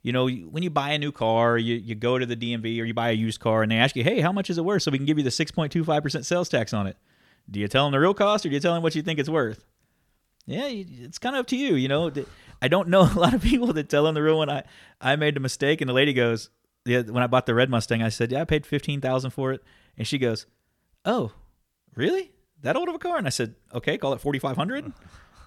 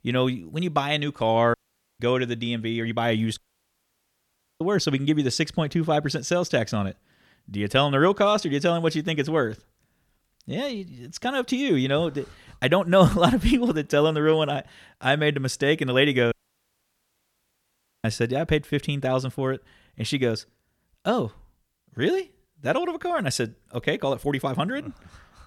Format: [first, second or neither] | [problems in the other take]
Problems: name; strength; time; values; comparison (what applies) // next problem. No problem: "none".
first | audio cutting out; at 1.5 s, at 3.5 s for 1 s and at 16 s for 1.5 s